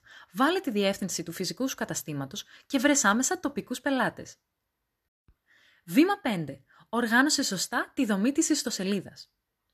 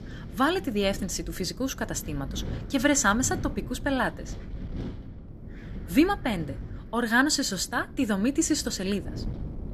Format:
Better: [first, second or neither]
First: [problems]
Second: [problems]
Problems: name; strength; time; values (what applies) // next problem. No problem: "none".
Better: first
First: none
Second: wind noise on the microphone; occasional gusts; 20 dB below the speech